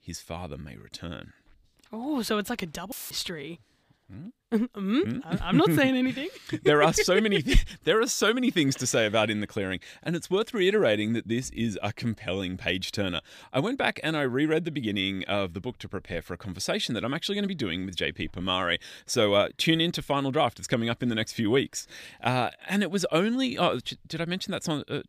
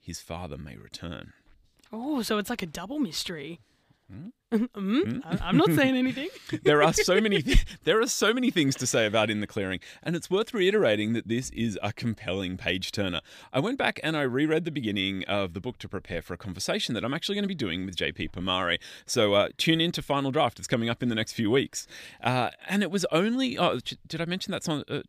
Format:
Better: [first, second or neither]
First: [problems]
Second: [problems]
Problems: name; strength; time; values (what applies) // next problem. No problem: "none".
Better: second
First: audio cutting out; filled with static; at 3 s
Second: none